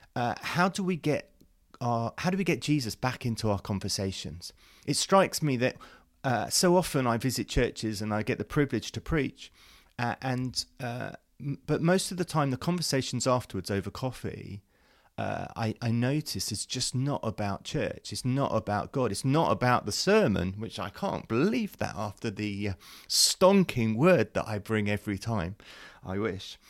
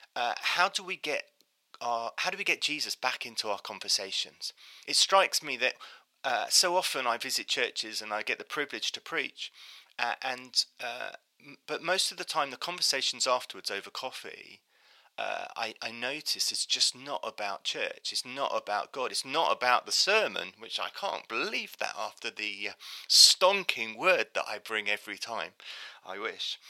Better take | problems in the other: first | thin; very; fading below 700 Hz

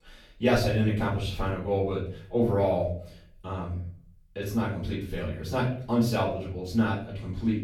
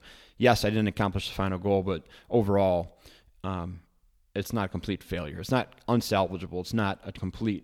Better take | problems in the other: second | off-mic speech; far // room echo; noticeable; dies away in 0.5 s

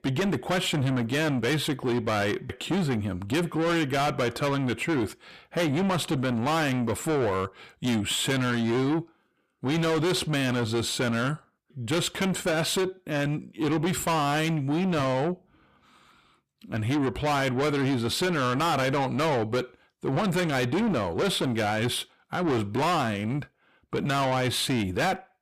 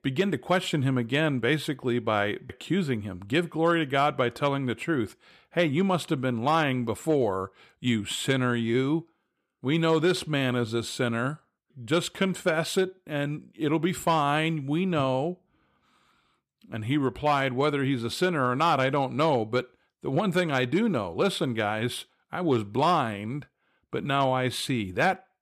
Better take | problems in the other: second | distortion; heavy; 7 dB below the speech

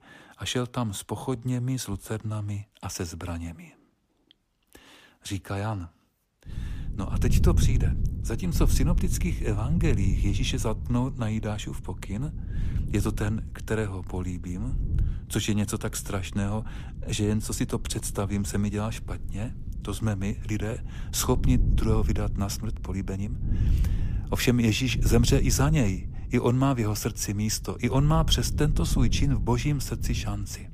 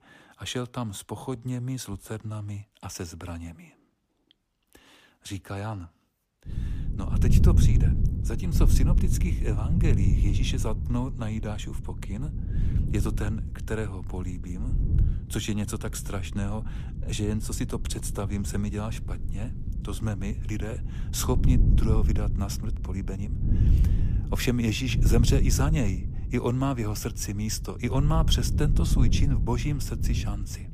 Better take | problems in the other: first | wind noise on the microphone; heavy; from 6.5 s on; 7 dB below the speech; occasional gusts in the first

